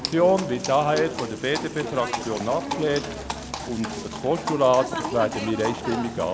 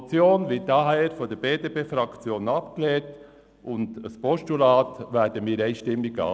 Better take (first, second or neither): second